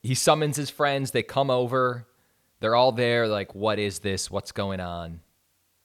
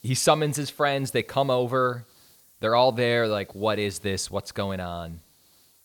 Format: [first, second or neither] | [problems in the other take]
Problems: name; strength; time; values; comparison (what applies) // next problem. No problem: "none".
first | hiss; faint; throughout; 30 dB below the speech